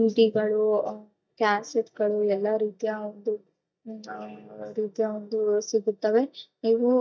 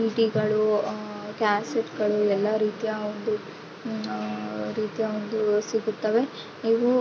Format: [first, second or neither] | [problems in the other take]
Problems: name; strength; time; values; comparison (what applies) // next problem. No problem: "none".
second | noise reduction (neural mask model DeepFilterNet 3)